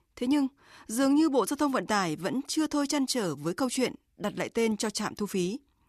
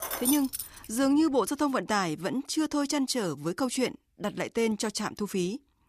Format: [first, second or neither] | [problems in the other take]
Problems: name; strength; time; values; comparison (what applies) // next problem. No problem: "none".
first | jangling keys; noticeable; at the start; peak level with the speech